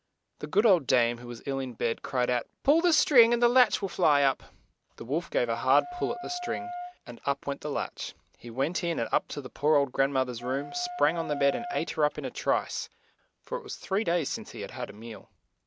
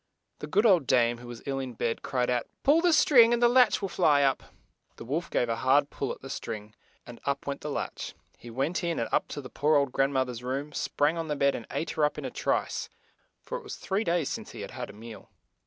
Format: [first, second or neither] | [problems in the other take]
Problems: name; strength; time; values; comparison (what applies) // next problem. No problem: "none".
second | background sound (Wind instrument, woodwind instrument); 11 dB below the speech